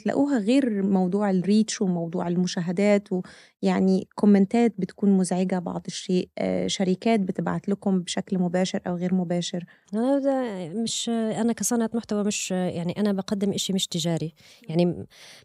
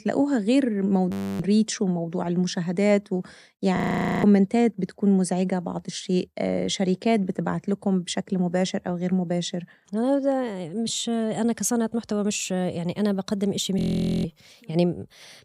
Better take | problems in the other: first | audio freezing; at 1 s, at 4 s and at 14 s

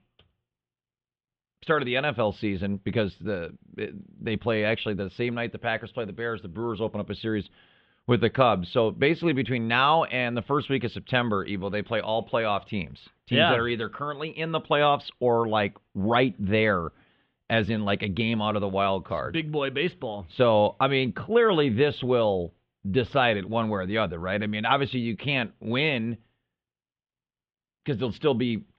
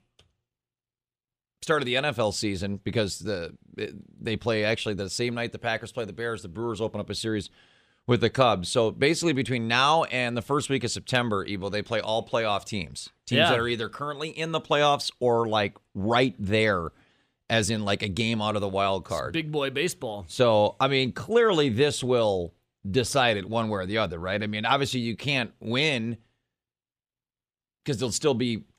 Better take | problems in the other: second | muffled; very; fading above 3.5 kHz

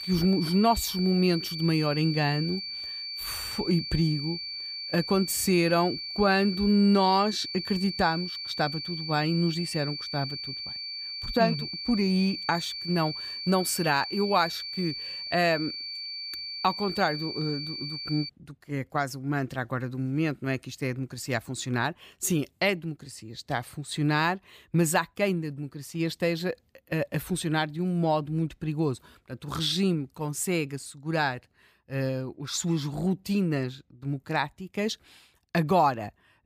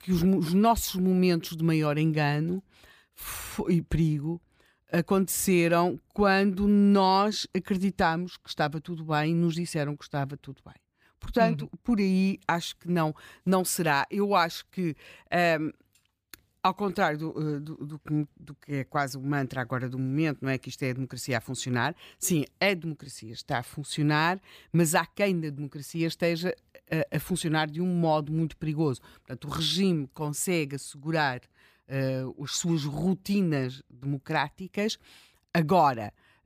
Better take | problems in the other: second | high-pitched whine; loud; until 18 s; 4.5 kHz, 6 dB below the speech

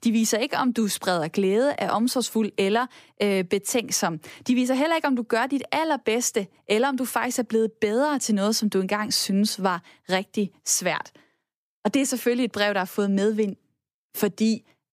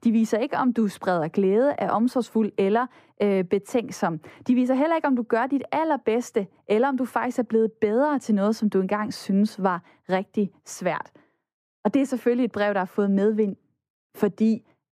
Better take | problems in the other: first | muffled; very; fading above 2.5 kHz

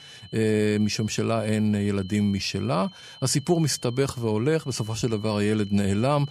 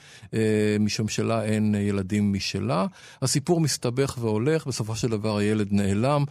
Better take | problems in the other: second | high-pitched whine; faint; throughout; 3 kHz, 20 dB below the speech

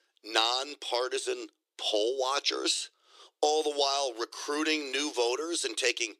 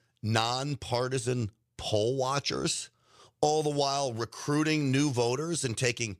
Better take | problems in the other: second | thin; very; fading below 300 Hz

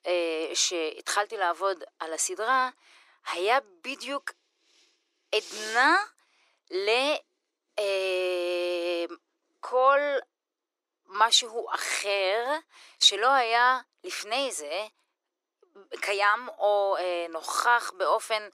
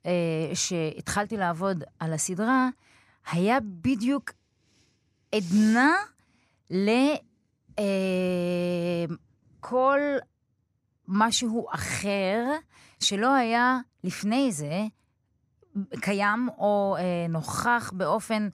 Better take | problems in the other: second | thin; very; fading below 350 Hz

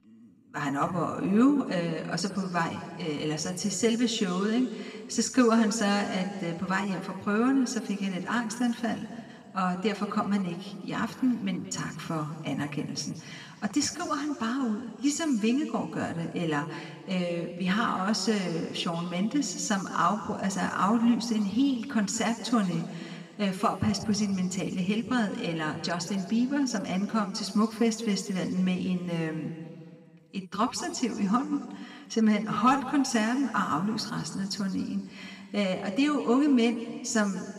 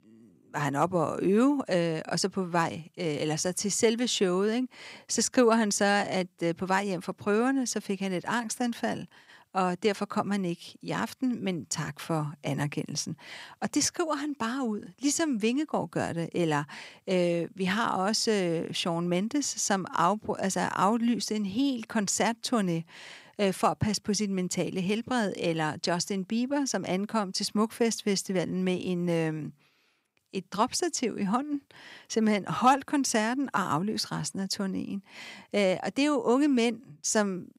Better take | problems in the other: second | room echo; slight; dies away in 1.9 s // off-mic speech; somewhat distant

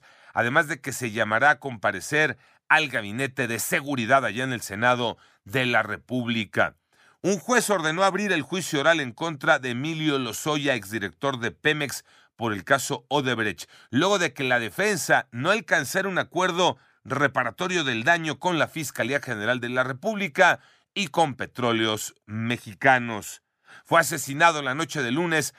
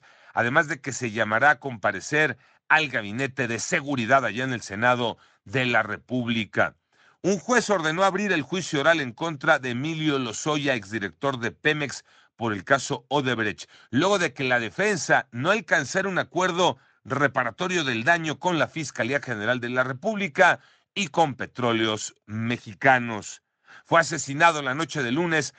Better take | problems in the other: first | garbled, watery; slightly; nothing above 7.5 kHz

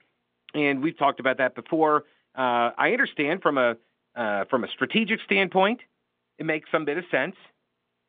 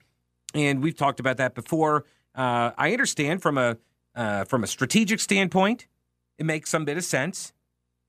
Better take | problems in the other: second | phone-call audio

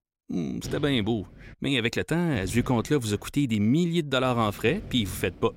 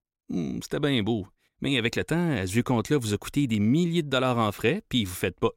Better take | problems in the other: second | wind noise on the microphone; occasional gusts; at 0.5 s, at 2.5 s and from 4 s on; 20 dB below the speech

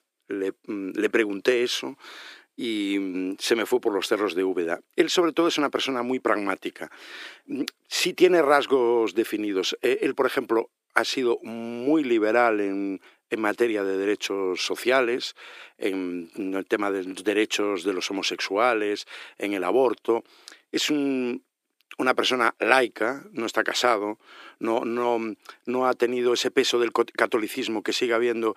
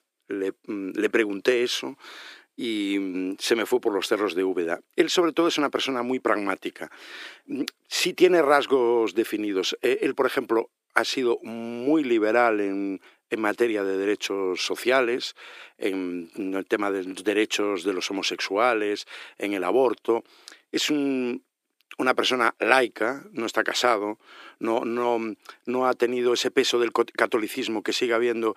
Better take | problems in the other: neither | thin; somewhat; fading below 350 Hz; the same in both

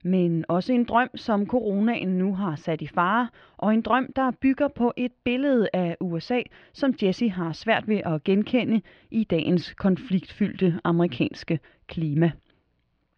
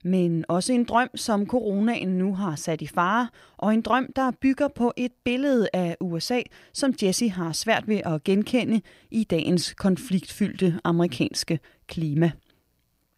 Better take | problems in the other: second | muffled; slightly; fading above 3.5 kHz

